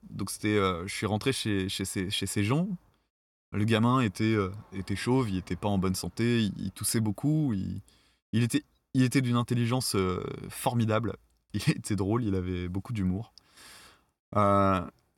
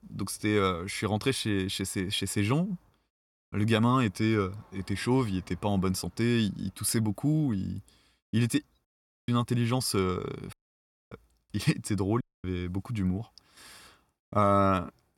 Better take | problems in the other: first | audio cutting out; at 9 s, at 11 s for 0.5 s and at 12 s

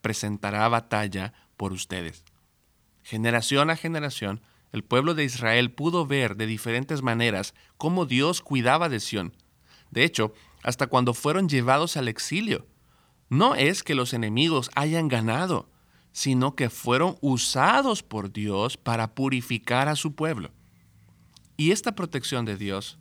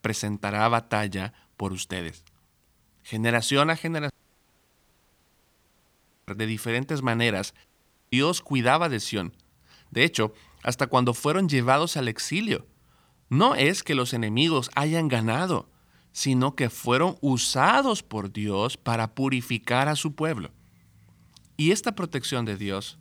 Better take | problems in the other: first | audio cutting out; at 4 s for 2 s and at 7.5 s

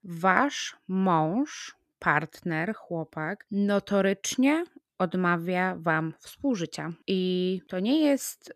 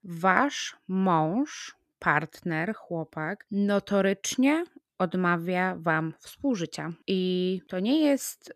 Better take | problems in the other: neither | none

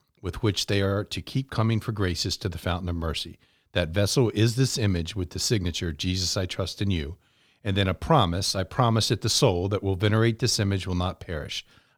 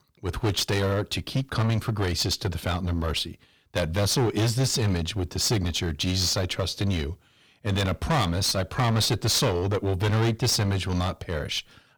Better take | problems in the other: first | distortion; heavy; 13% of the sound clipped

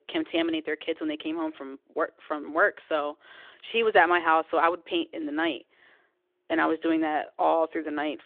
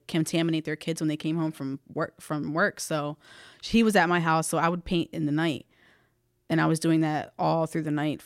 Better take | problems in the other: second | phone-call audio

